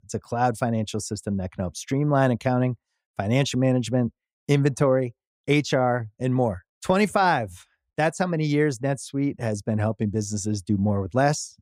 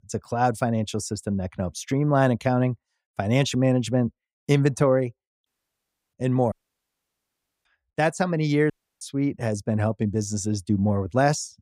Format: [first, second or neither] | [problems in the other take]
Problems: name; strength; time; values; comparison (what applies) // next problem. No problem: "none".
first | audio cutting out; at 5.5 s for 0.5 s, at 6.5 s for 1 s and at 8.5 s